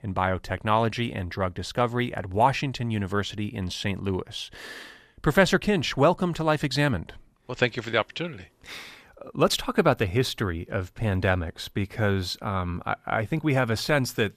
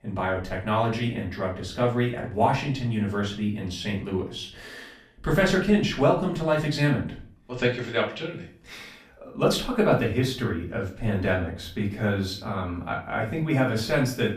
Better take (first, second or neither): first